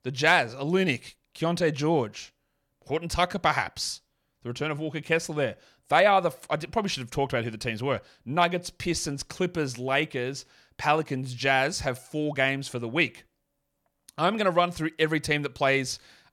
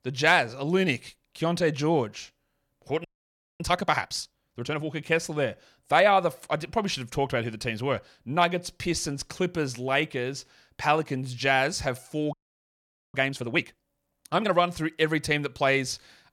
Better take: first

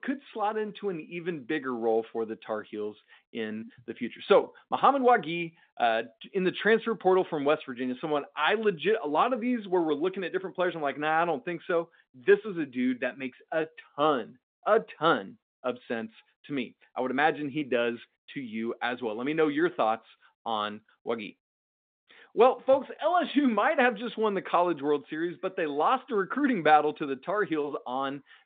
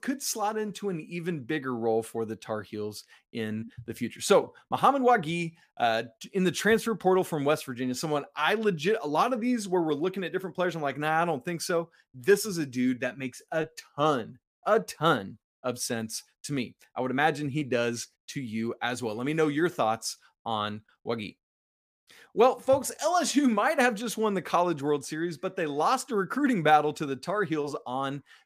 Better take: second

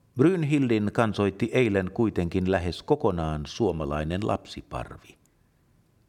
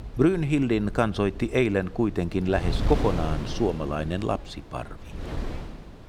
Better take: first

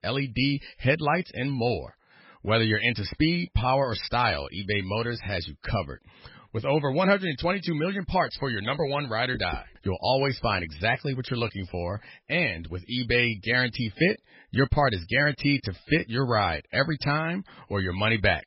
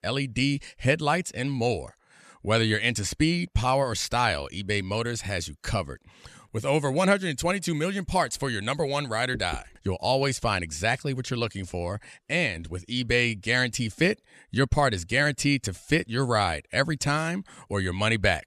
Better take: second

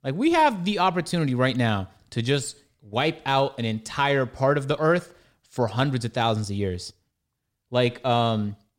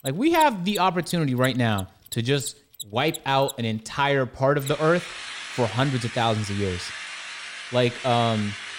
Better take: first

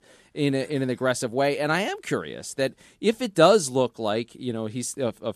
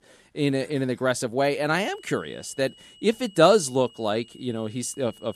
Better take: first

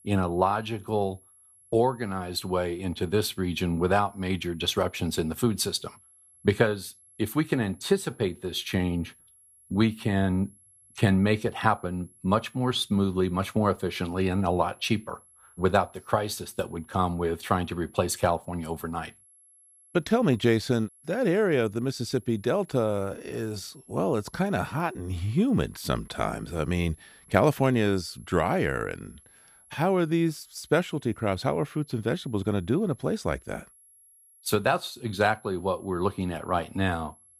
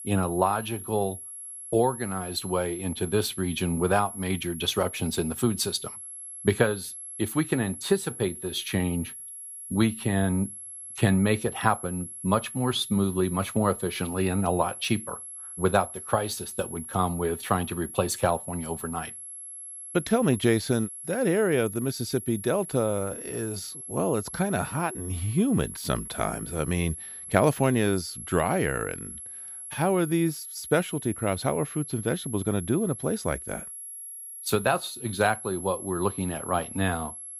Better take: first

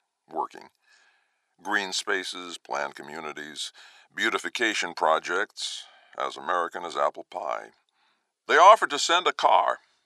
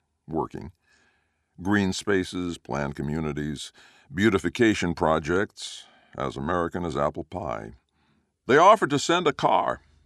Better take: second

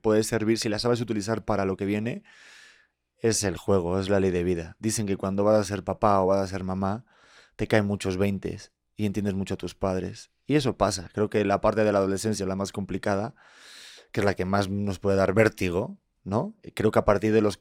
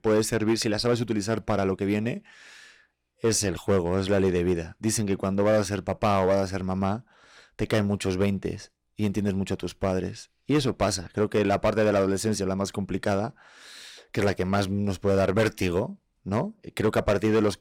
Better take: first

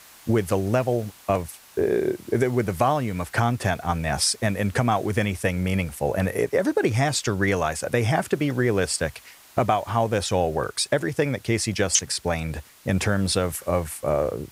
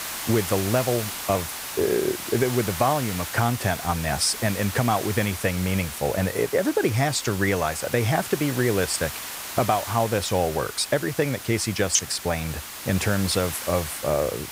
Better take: first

